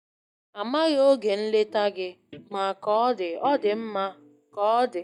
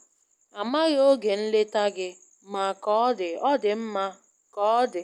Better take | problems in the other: second | noise reduction (neural mask model DeepFilterNet 3)

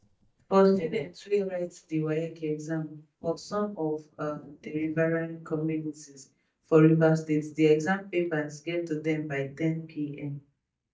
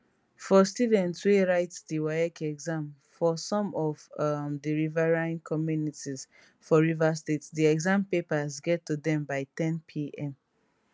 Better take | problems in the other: second | noise reduction (neural mask model DeepFilterNet 3)

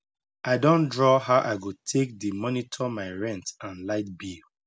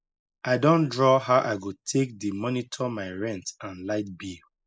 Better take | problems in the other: first | noise reduction (neural mask model Resemble Enhance denoiser)

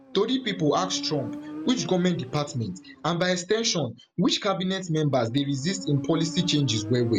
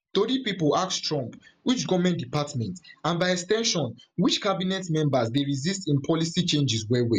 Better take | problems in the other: second | background sound (Motorcycle); 14 dB below the speech

